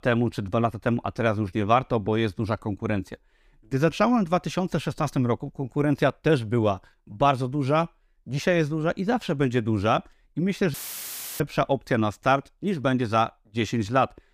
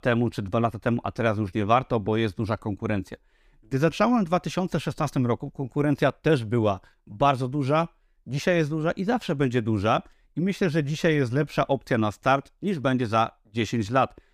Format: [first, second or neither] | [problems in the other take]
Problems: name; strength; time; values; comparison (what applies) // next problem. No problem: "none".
second | audio cutting out; filled with static; at 11 s for 0.5 s